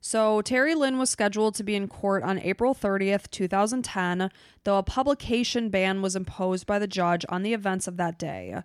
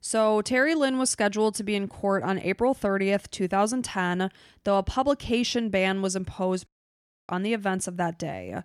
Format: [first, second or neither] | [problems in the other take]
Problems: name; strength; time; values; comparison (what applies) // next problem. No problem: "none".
first | audio cutting out; at 6.5 s for 0.5 s